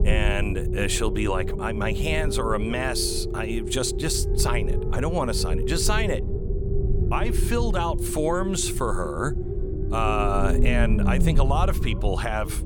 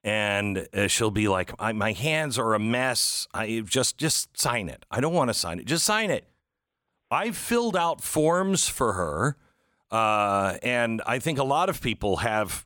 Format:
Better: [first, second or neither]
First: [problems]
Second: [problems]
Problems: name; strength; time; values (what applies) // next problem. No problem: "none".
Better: second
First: low rumble; loud; throughout; 7 dB below the speech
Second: none